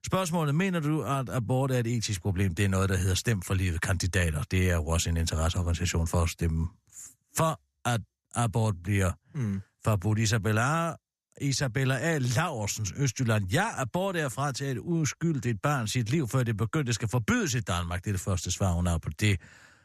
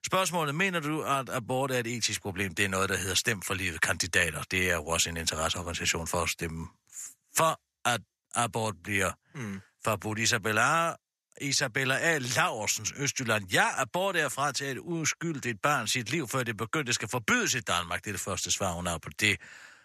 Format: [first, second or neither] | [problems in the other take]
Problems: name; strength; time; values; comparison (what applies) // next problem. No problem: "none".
first | thin; somewhat; fading below 550 Hz